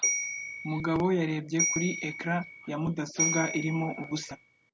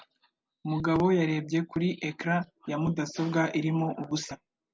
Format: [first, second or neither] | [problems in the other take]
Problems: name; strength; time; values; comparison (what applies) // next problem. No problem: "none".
second | background sound (Bell); 3 dB below the speech